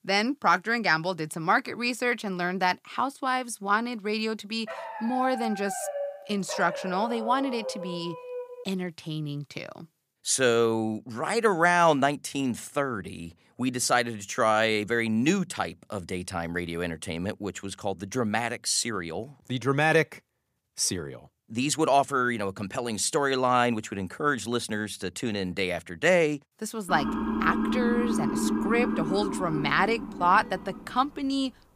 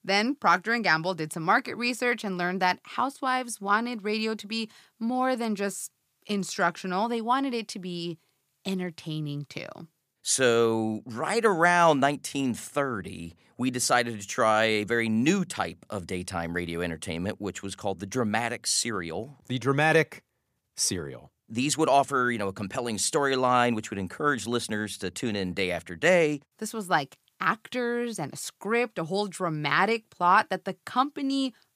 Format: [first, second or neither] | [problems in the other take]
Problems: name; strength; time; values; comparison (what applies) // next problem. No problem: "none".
second | dog barking; noticeable; from 4.5 to 8.5 s; peak 6 dB below the speech // siren; loud; from 27 to 31 s; peak 1 dB above the speech